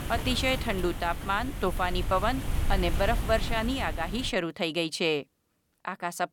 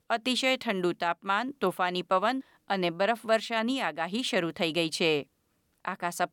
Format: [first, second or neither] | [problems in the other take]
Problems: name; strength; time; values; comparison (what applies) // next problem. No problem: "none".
second | wind noise on the microphone; occasional gusts; until 4.5 s; 10 dB below the speech